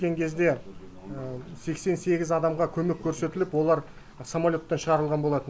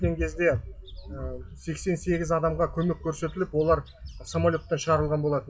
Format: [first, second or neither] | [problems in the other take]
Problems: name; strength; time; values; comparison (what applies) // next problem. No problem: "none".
first | noise reduction (classical method WPE with log-MMSE)